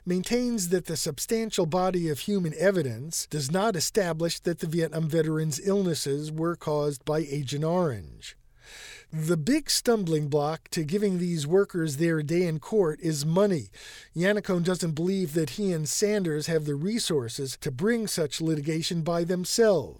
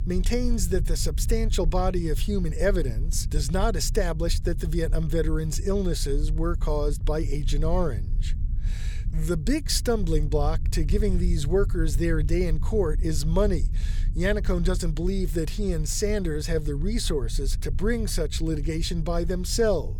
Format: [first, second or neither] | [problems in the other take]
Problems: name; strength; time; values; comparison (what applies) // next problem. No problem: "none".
first | low rumble; noticeable; throughout; 20 dB below the speech